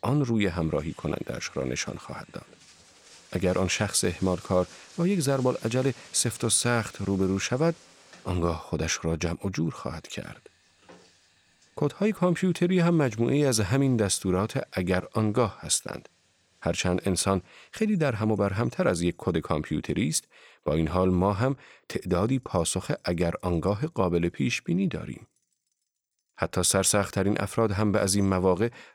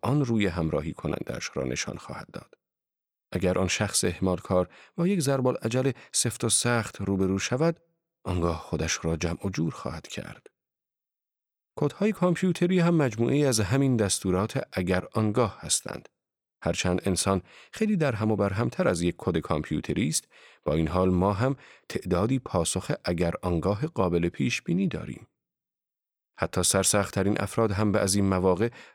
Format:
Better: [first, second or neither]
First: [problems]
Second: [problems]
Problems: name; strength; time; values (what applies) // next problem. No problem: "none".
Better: second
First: household noises; faint; throughout; 25 dB below the speech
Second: none